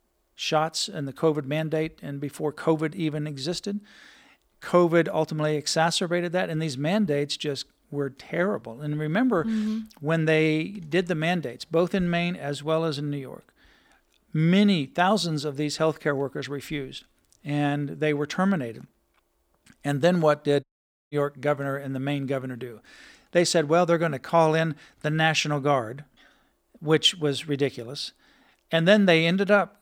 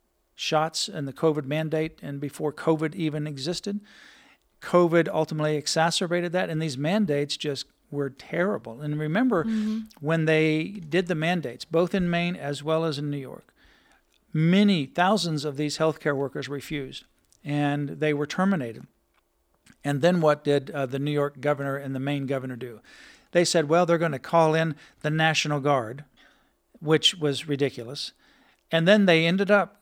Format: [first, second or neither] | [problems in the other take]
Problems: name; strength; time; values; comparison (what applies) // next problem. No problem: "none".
second | audio cutting out; at 21 s